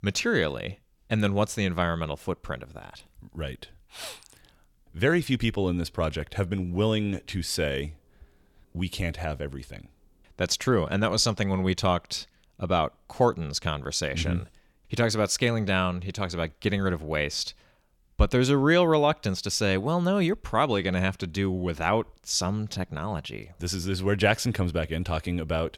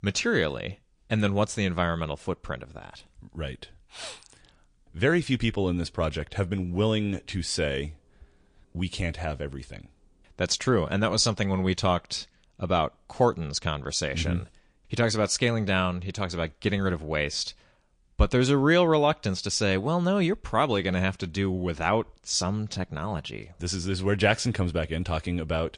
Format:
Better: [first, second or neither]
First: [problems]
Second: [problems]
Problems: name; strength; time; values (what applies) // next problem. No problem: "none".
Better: first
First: none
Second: garbled, watery; slightly; nothing above 9 kHz